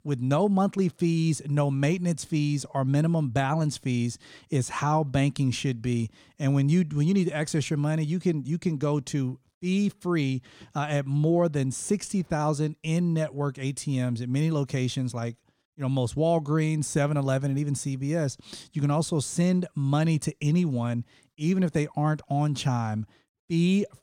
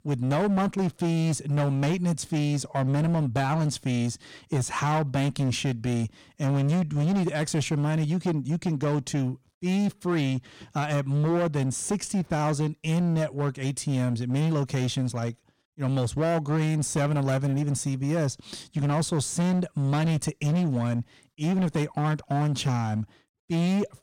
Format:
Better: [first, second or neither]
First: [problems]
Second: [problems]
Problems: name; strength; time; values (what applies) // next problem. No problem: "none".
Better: first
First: none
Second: distortion; slight; 18% of the sound clipped